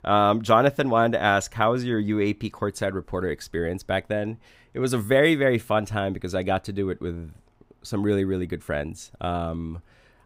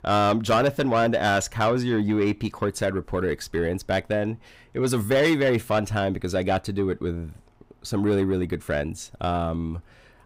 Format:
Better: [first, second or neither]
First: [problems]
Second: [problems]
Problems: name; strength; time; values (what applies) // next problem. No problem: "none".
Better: first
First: none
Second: distortion; slight; 10 dB below the speech